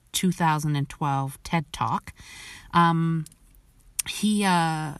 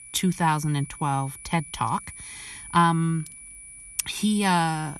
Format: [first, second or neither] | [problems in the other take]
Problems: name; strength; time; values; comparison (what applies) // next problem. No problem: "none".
first | high-pitched whine; noticeable; throughout; 10 kHz, 15 dB below the speech